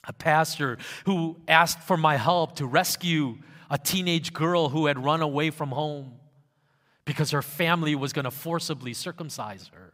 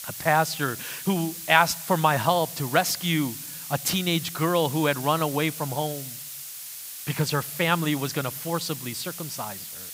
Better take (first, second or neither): first